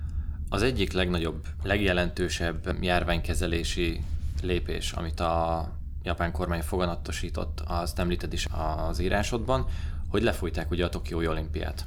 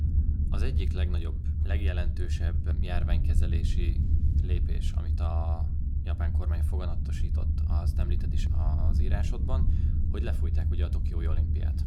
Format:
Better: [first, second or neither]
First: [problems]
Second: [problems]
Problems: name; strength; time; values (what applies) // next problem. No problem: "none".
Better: first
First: low rumble; faint; throughout; 25 dB below the speech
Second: low rumble; loud; throughout; 2 dB below the speech